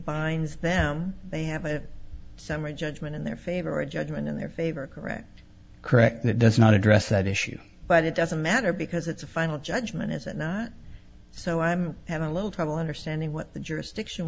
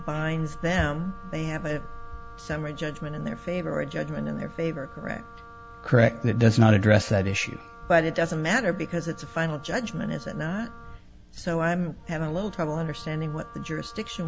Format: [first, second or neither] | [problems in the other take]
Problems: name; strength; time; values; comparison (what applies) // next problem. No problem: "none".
first | background sound (Wind instrument, woodwind instrument); 20 dB below the speech